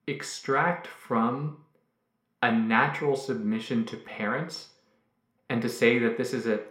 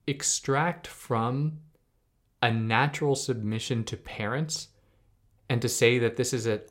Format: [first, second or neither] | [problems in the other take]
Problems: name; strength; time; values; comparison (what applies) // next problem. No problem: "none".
second | room echo; very slight; dies away in 0.5 s